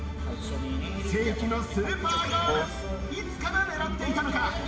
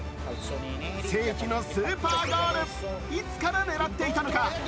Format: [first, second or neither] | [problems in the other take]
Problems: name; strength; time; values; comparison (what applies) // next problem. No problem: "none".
second | background sound (Wind instrument, woodwind instrument); 6 dB below the speech // room echo; dies away in 0.8 s